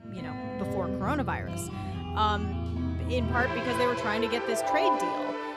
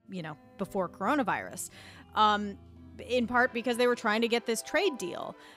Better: second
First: background music; loud; throughout; as loud as the speech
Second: background music; faint; throughout; 25 dB below the speech

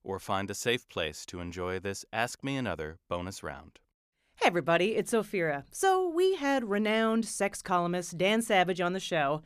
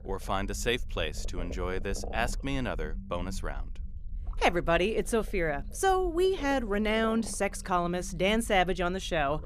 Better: first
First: none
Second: low rumble; faint; throughout; 20 dB below the speech

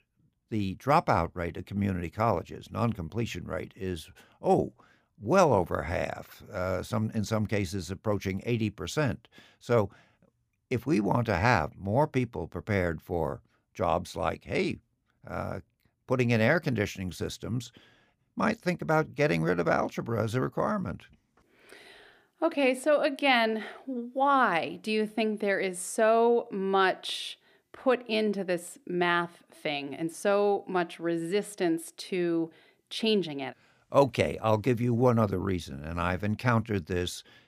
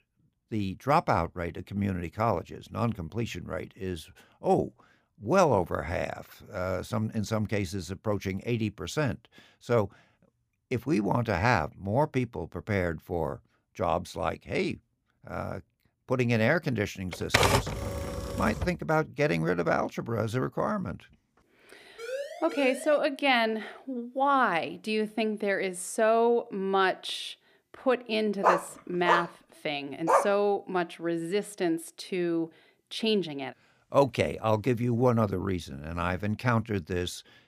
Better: first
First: none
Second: keyboard typing; loud; from 17 to 19 s; peak 6 dB above the speech // siren; noticeable; from 22 to 23 s; peak 7 dB below the speech // dog barking; loud; from 28 to 30 s; peak 3 dB above the speech

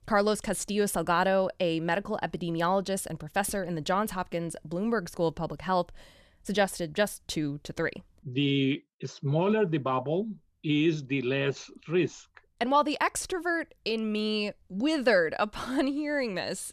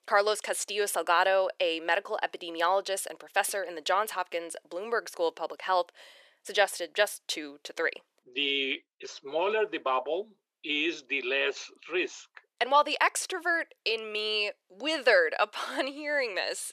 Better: first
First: none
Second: thin; very; fading below 400 Hz

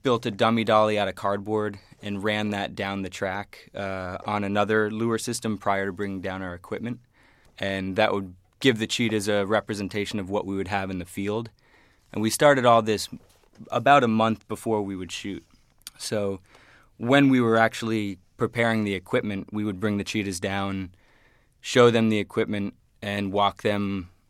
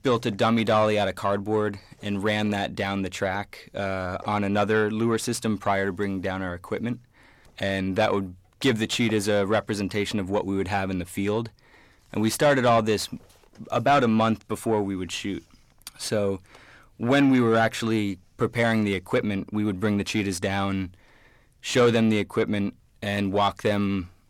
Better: first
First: none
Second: distortion; slight; 10 dB below the speech

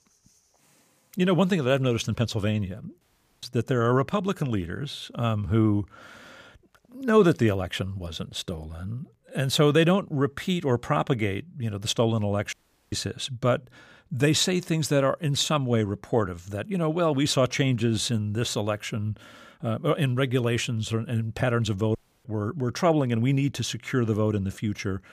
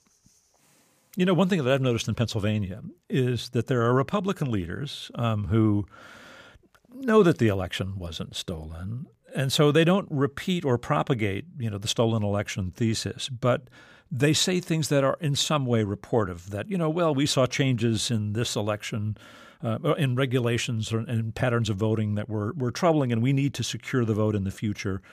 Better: second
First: audio cutting out; at 3 s, at 13 s and at 22 s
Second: none

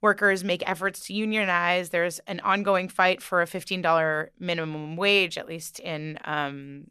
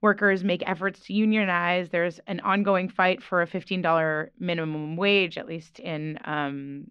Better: first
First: none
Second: muffled; slightly; fading above 3.5 kHz

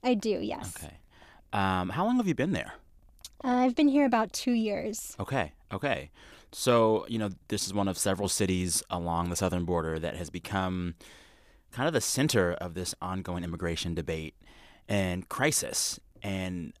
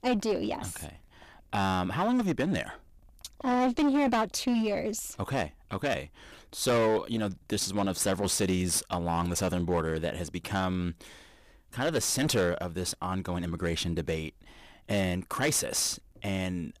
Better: first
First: none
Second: distortion; slight; 8% of the sound clipped

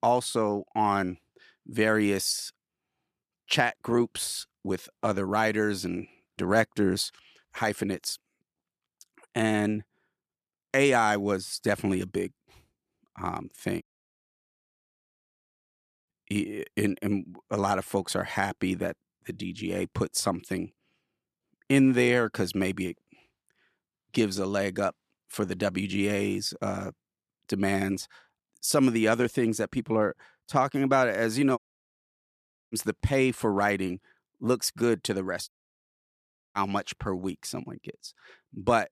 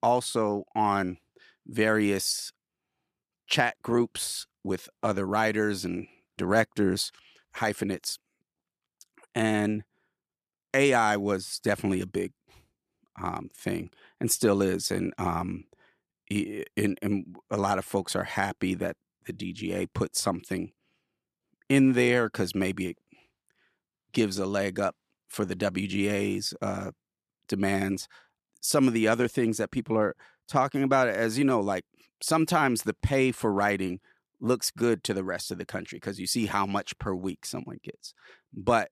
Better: second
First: audio cutting out; at 14 s for 2 s, at 32 s for 1 s and at 35 s for 1 s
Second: none

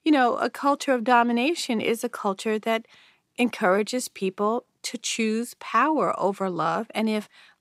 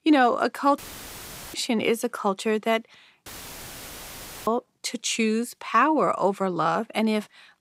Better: first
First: none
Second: audio cutting out; filled with static; at 1 s for 1 s and at 3.5 s for 1 s

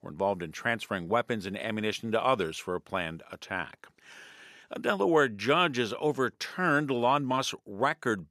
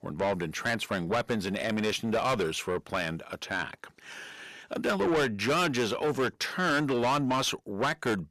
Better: first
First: none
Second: distortion; heavy; 6 dB below the speech

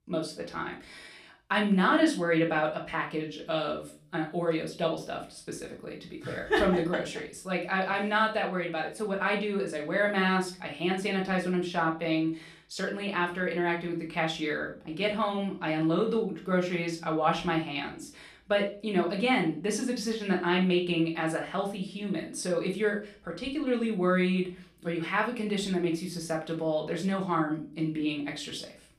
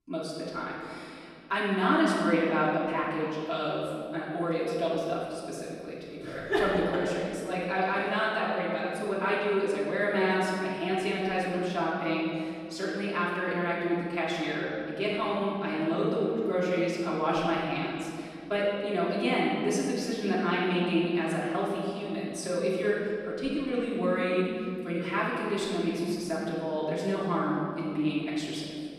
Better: first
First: room echo; slight; dies away in 0.3 s // off-mic speech; far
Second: room echo; strong; dies away in 2.5 s // off-mic speech; far

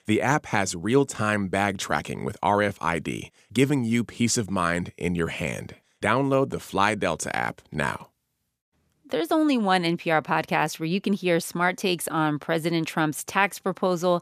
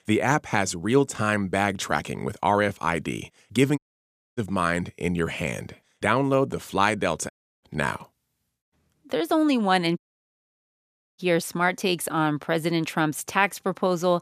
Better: first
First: none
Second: audio cutting out; at 4 s for 0.5 s, at 7.5 s and at 10 s for 1 s

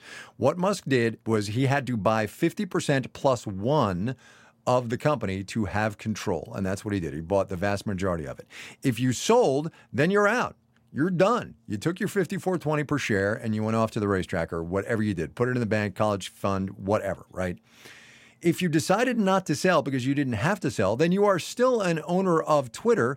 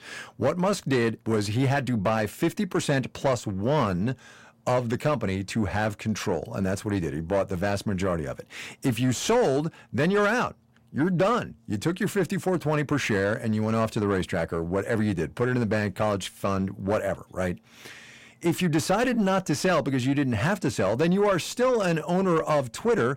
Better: first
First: none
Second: distortion; slight; 10 dB below the speech

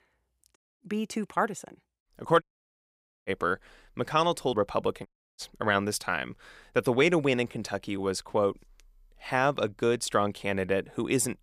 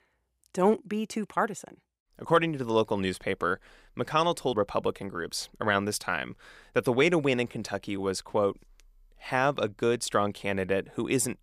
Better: second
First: audio cutting out; at 0.5 s, at 2.5 s for 1 s and at 5 s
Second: none

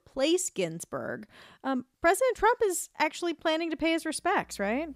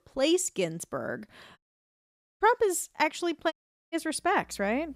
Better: first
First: none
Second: audio cutting out; at 1.5 s for 1 s and at 3.5 s

